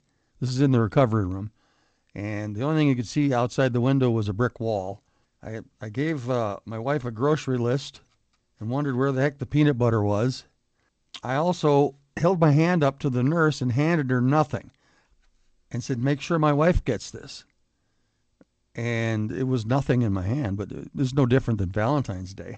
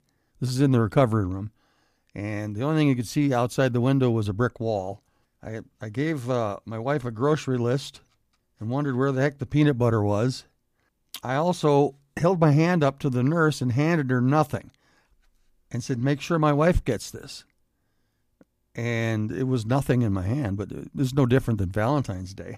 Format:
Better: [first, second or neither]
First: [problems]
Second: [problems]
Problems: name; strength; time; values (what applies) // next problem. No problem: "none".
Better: second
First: garbled, watery; slightly; nothing above 7.5 kHz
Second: none